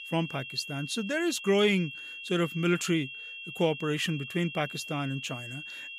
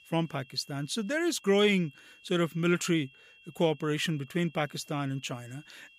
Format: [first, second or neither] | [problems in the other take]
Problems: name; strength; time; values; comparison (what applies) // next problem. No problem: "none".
second | high-pitched whine; loud; throughout; 2.5 kHz, 10 dB below the speech; faint in the second